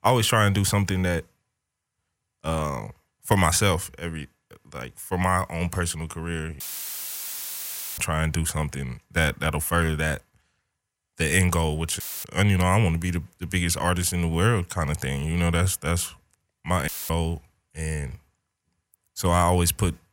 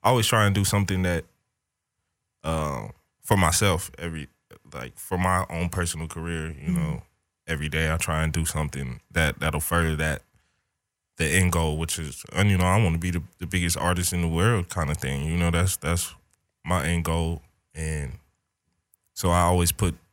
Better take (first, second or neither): second